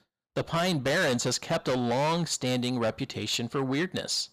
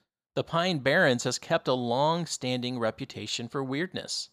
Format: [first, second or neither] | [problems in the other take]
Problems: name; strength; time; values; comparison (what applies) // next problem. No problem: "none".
second | distortion; heavy; 7 dB below the speech